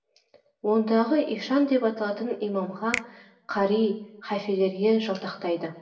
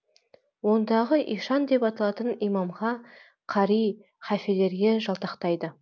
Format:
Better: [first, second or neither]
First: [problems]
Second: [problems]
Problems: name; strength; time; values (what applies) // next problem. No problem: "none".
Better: second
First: background sound (Finger snapping); 14 dB below the speech // room echo; dies away in 0.7 s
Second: none